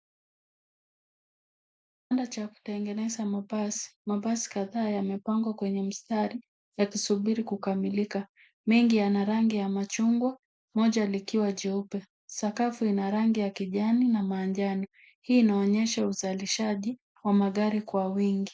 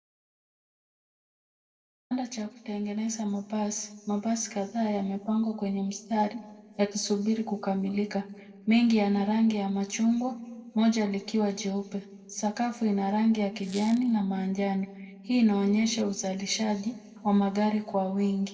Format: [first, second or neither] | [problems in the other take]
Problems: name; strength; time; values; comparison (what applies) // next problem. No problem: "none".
first | background sound (Squeak); 19 dB below the speech // room echo; dies away in 1.2 s